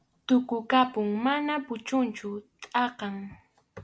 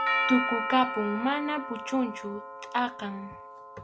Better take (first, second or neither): first